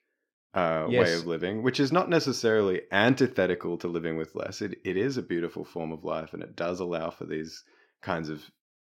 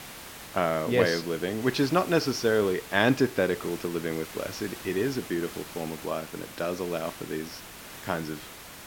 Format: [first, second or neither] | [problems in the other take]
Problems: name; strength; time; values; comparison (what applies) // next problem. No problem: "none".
first | hiss; noticeable; throughout; 15 dB below the speech